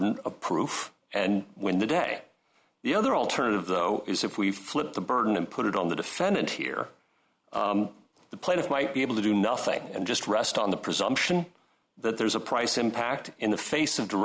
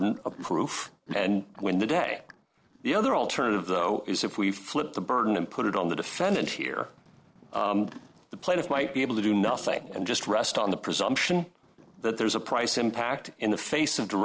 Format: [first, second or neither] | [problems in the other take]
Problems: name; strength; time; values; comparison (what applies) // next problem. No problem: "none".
first | noise reduction (neural separator model SepFormer DNS4)